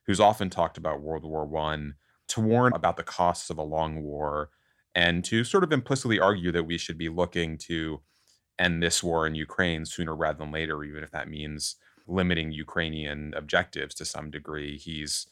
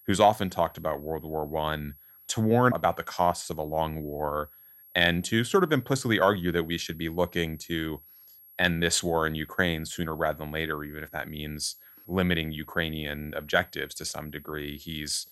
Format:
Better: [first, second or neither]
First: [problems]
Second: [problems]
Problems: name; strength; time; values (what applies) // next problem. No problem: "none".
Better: first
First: none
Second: high-pitched whine; faint; throughout; 11.5 kHz, 20 dB below the speech